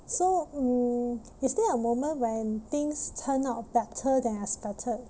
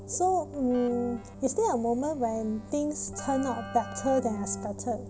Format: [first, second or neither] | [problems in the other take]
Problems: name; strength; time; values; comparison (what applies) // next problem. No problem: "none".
first | background sound (Keyboard (musical)); 12 dB below the speech